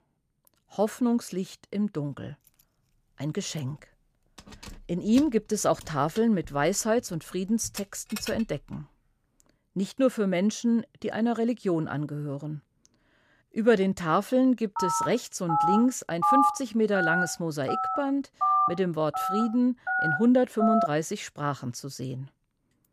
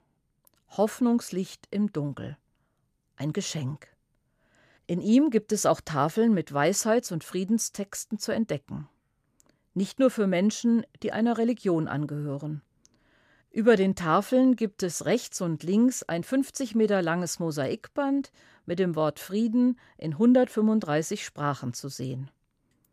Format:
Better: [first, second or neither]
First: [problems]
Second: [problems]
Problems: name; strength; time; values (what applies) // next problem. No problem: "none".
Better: second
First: jangling keys; faint; from 3.5 to 8.5 s; peak 10 dB below the speech // phone ringing; loud; from 15 to 21 s; peak 6 dB above the speech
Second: none